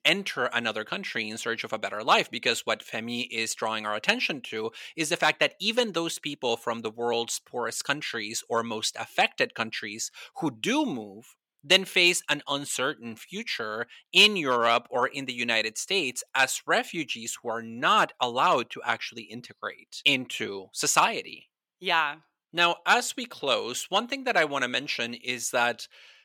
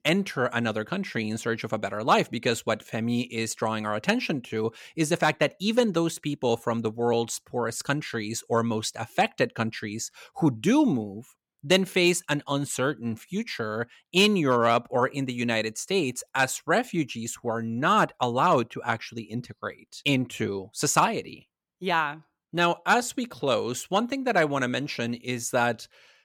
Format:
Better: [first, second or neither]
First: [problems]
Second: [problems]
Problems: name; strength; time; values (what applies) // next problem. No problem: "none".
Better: second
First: thin; very slightly; fading below 550 Hz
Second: none